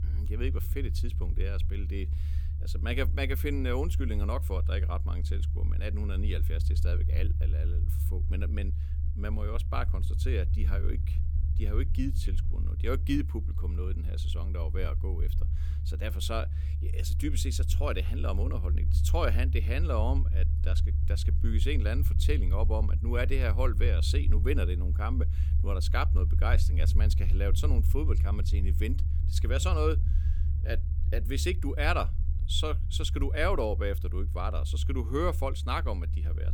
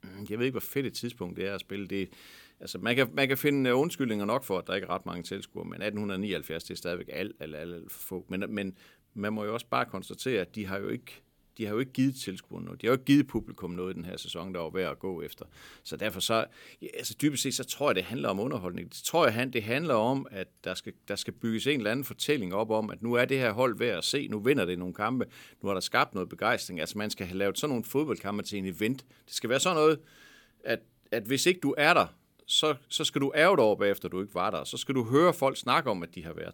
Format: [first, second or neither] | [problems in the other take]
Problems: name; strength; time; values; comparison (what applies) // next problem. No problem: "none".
second | low rumble; noticeable; throughout; 10 dB below the speech